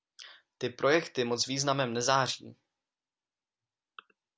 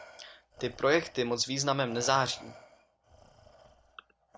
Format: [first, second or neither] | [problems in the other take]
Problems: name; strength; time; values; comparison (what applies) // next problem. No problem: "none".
first | background sound (Respiratory sounds); 19 dB below the speech